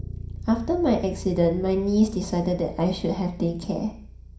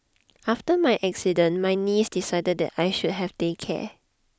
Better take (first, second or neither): second